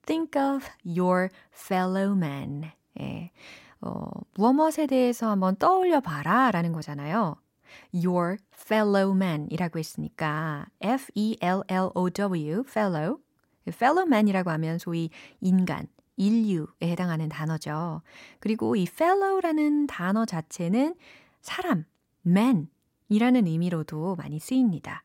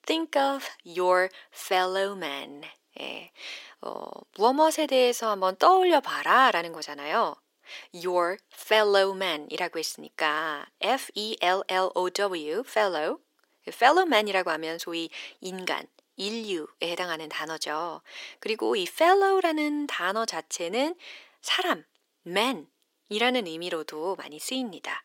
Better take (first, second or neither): first